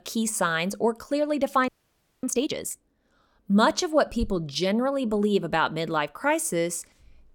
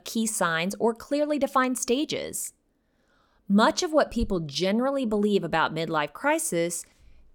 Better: second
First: audio freezing; at 1.5 s for 0.5 s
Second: none

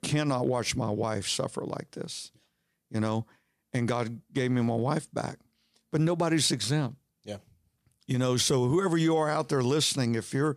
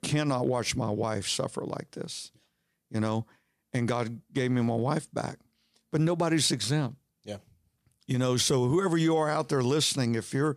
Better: neither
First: none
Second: none

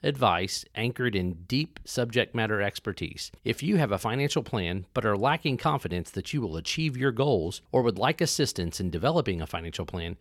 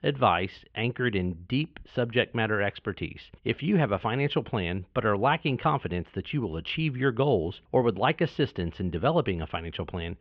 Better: first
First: none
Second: muffled; very; fading above 3 kHz

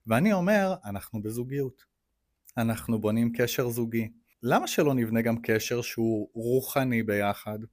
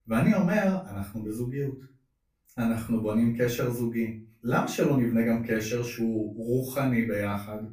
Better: first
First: none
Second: off-mic speech; far // room echo; slight; dies away in 0.3 s

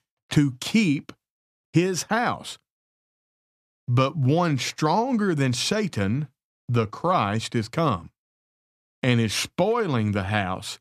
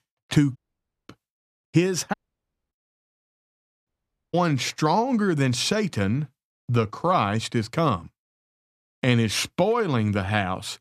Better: first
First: none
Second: audio cutting out; at 0.5 s for 0.5 s, at 2 s for 0.5 s and at 4 s

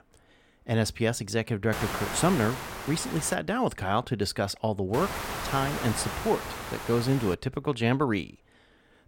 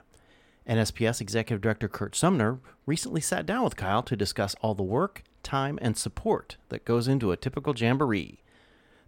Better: second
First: hiss; loud; from 1.5 to 3.5 s and from 5 to 7.5 s; 7 dB below the speech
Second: none

